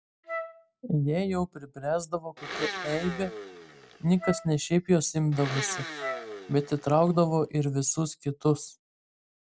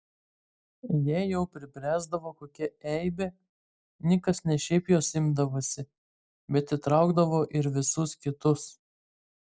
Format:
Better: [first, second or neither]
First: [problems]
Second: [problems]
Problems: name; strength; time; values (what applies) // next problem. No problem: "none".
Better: second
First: background sound (Domestic sounds, home sounds + Wind instrument, woodwind instrument); 10 dB below the speech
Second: none